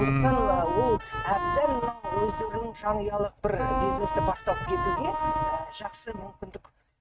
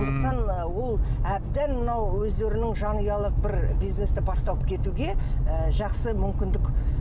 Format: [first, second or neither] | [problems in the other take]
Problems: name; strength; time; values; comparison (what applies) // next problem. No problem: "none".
second | noise reduction (neural mask model RNNoise)